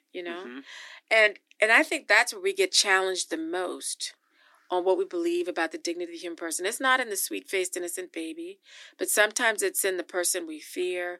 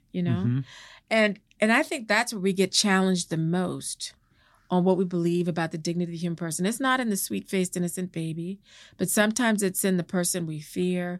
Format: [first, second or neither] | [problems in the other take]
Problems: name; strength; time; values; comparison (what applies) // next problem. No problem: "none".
second | thin; very; fading below 300 Hz